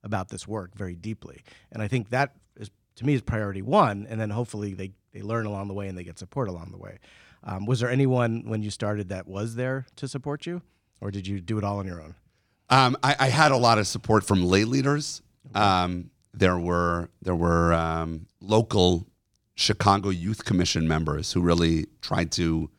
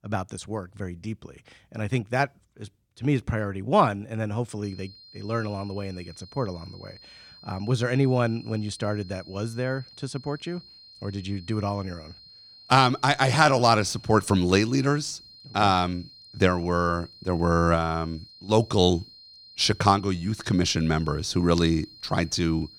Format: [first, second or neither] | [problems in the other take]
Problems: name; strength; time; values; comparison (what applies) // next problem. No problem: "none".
first | high-pitched whine; faint; from 4.5 s on; 4 kHz, 20 dB below the speech